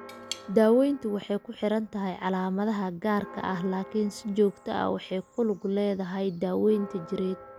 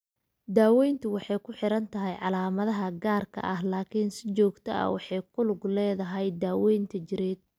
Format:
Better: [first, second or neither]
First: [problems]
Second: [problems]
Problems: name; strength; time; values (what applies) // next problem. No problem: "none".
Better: second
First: background sound (Church bell + Cutlery, silverware / Tap); 19 dB below the speech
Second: none